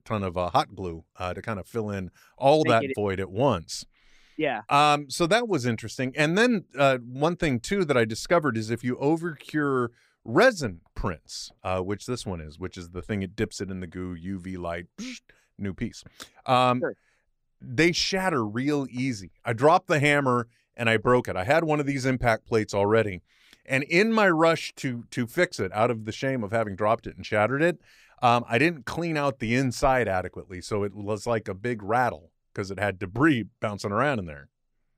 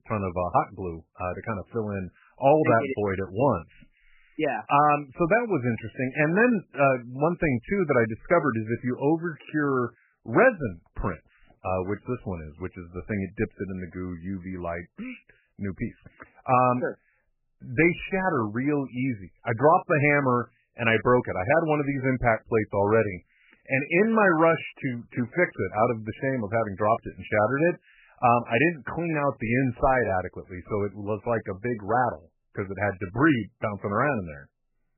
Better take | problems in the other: first | garbled, watery; badly; nothing above 2.5 kHz

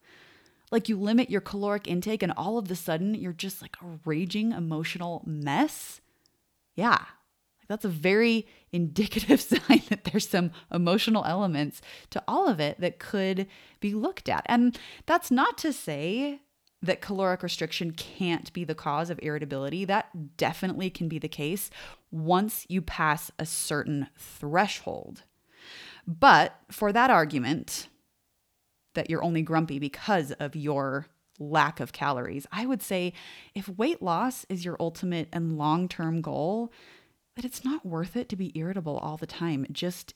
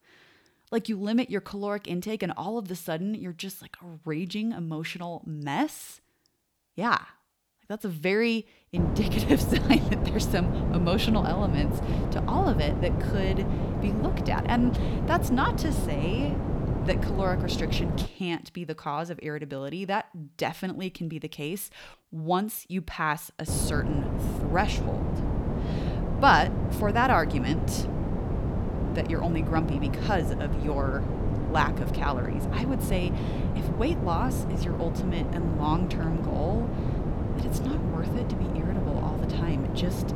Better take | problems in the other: first | wind noise on the microphone; heavy; from 9 to 18 s and from 23 s on; 6 dB below the speech

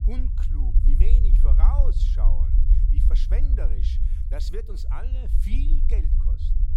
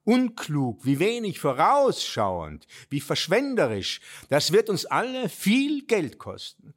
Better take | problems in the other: second | low rumble; loud; throughout; 3 dB below the speech

